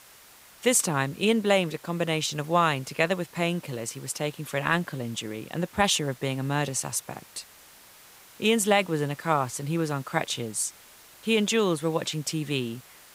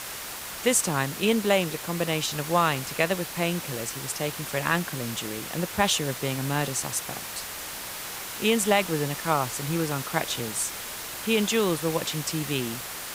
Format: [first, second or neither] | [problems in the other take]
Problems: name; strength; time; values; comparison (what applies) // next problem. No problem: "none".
first | hiss; loud; throughout; 7 dB below the speech; faint in the first